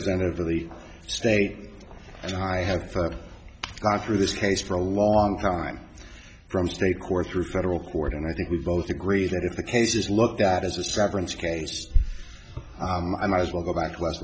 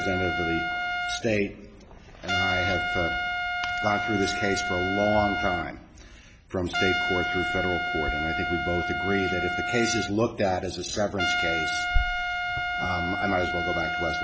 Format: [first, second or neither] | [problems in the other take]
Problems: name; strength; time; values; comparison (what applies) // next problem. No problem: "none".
first | background sound (Trumpet); as loud as the speech